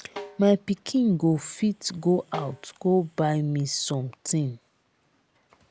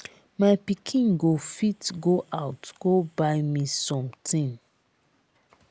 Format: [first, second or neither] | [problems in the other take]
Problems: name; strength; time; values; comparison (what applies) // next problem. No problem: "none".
second | background sound (Snare drum); 18 dB below the speech